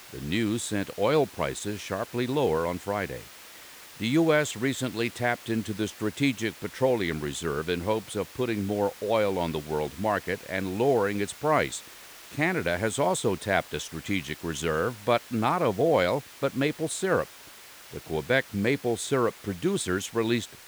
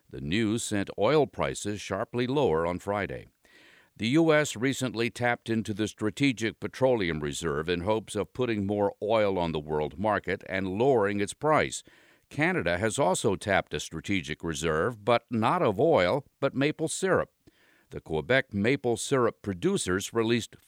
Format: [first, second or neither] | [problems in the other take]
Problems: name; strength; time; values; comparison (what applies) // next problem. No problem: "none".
second | hiss; noticeable; throughout; 15 dB below the speech